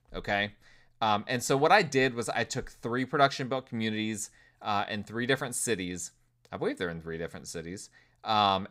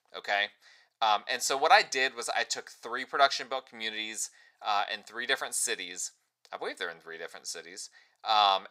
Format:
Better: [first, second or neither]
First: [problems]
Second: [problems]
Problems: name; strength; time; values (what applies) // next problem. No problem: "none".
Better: first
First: none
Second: thin; very; fading below 650 Hz